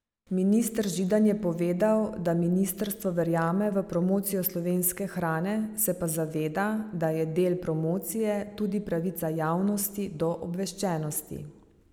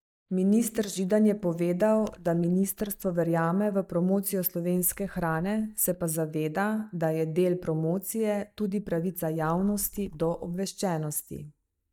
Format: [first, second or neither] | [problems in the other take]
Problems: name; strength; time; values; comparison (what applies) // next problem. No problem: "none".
first | noise reduction (neural mask model DeepFilterNet 3)